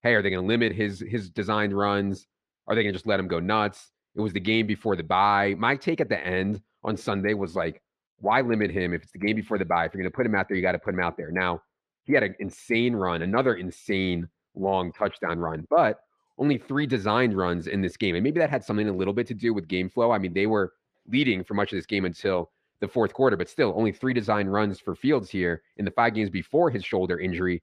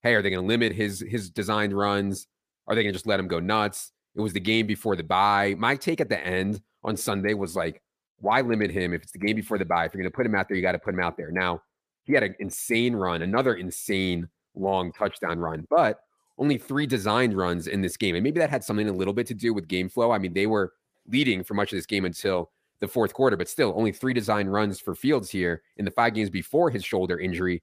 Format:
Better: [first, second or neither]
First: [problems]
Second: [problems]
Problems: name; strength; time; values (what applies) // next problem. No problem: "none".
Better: second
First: muffled; very slightly; fading above 3.5 kHz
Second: none